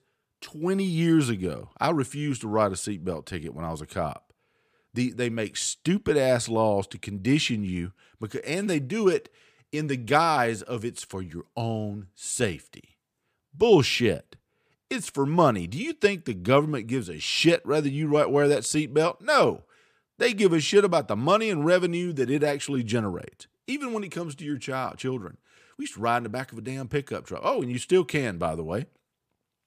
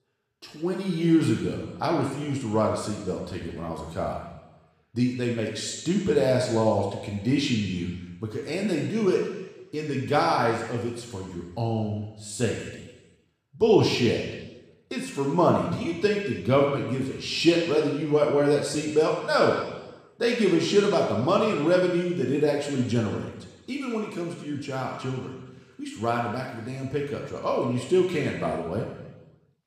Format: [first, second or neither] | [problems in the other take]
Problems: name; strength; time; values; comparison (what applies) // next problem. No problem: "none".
first | room echo; noticeable; dies away in 1.1 s // off-mic speech; somewhat distant